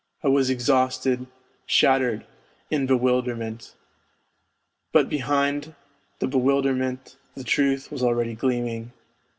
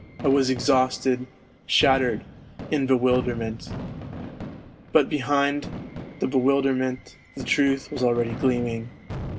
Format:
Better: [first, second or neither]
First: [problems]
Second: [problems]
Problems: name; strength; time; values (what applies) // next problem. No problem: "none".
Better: first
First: none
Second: background sound (Fireworks); 12 dB below the speech